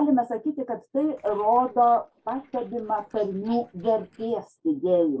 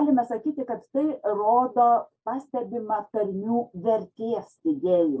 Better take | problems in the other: second | noise reduction (neural mask model Resemble Enhance denoiser)

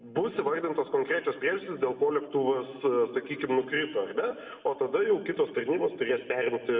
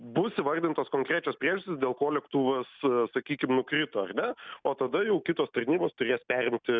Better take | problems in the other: second | room echo; dies away in 1.3 s

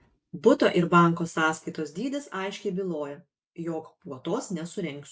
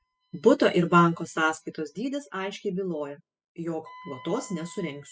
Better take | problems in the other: first | noise reduction (classical method spectral subtraction)

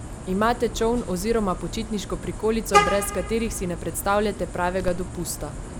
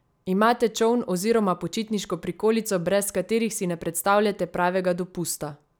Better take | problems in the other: second | background sound (Vehicle horn, car horn, honking); 4 dB below the speech

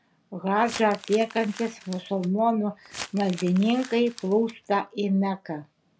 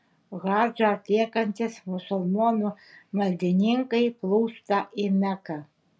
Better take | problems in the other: second | background sound (Crumpling, crinkling); 17 dB below the speech

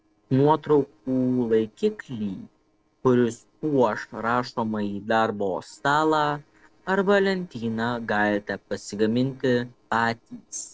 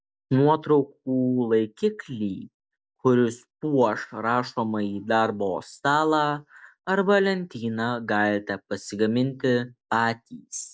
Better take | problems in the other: second | noise reduction (neural separator model SepFormer DNS4)

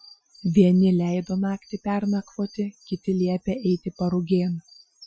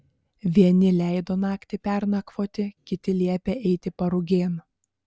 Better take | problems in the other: second | noise reduction (classical method Wiener filter)

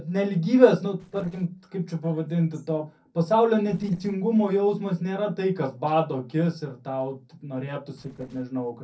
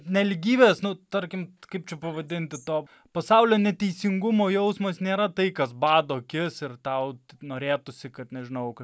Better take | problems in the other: second | noise reduction (neural separator model SepFormer DNS4)

